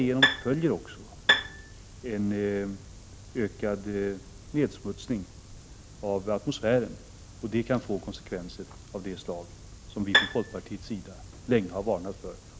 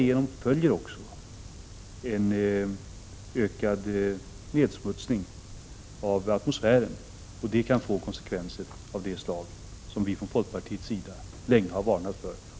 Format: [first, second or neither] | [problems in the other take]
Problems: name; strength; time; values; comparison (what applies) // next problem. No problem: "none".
second | background sound (Bowed string instrument); 3 dB above the speech